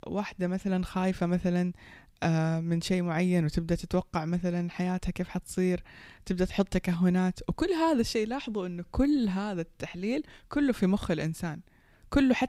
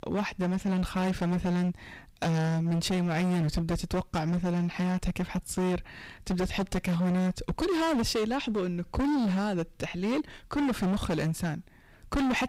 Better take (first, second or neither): first